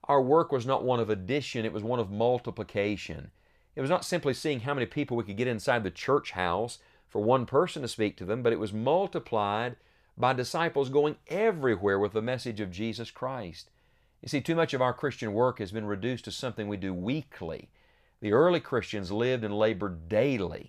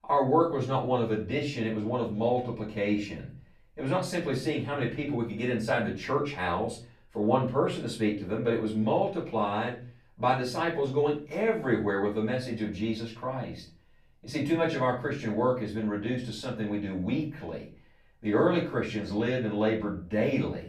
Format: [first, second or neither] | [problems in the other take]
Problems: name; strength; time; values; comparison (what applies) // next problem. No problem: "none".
first | off-mic speech; far // room echo; slight; dies away in 0.4 s